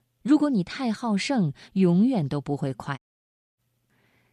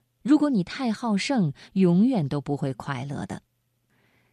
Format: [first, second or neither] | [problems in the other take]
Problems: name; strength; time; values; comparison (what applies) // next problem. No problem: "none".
second | audio cutting out; at 3 s for 0.5 s